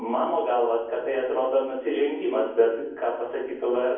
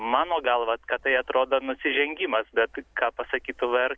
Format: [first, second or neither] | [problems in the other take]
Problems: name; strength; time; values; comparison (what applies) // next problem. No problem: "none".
second | room echo; dies away in 0.9 s